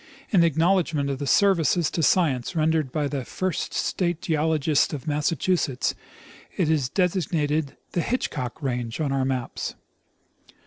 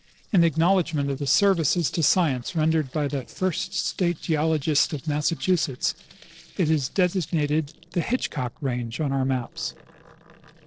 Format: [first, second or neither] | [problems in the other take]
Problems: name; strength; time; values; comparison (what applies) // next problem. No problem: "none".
first | noise reduction (neural separator model SepFormer DNS4)